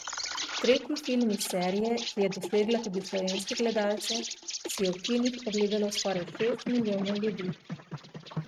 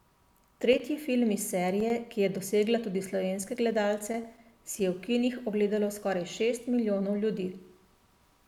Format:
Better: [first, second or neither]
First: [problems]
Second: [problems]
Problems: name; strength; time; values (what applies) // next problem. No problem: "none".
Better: second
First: noise reduction (neural mask model RNNoise)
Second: none